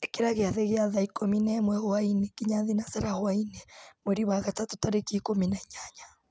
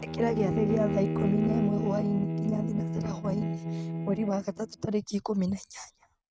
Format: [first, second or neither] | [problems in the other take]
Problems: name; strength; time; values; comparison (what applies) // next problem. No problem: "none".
first | noise reduction (neural mask model RNNoise)